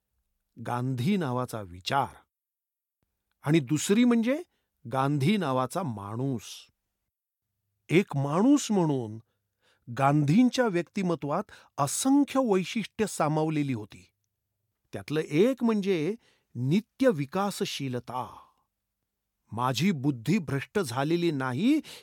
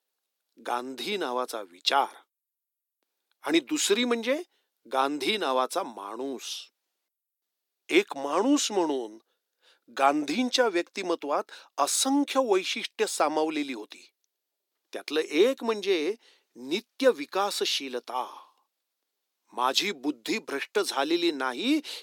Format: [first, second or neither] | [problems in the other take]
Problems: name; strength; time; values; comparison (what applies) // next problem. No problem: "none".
first | thin; somewhat; fading below 300 Hz